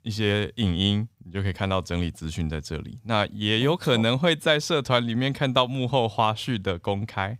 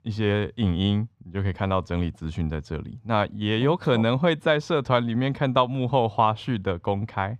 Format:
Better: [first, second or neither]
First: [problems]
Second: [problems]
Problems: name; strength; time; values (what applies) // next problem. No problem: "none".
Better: first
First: none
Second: muffled; slightly; fading above 1.5 kHz